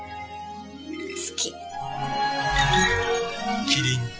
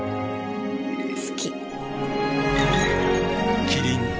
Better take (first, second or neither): second